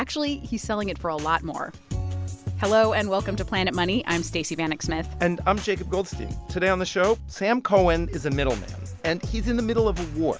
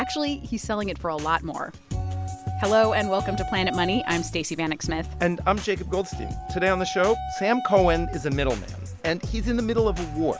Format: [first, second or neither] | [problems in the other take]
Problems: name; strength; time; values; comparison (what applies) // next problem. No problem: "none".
first | background sound (Wind instrument, woodwind instrument); 12 dB below the speech